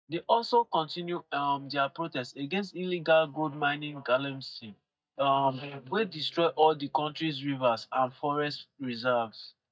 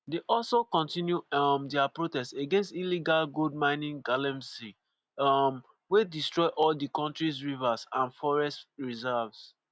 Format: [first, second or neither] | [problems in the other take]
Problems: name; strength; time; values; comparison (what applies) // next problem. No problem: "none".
second | noise reduction (neural mask model DeepFilterNet 3)